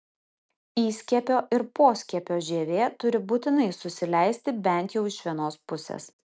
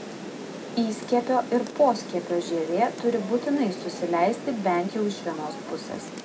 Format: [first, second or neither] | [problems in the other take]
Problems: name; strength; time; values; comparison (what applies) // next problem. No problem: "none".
first | background sound (Rain); 10 dB below the speech // room echo; dies away in 0.2 s